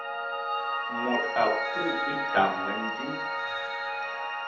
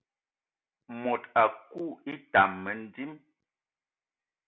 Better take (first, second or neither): second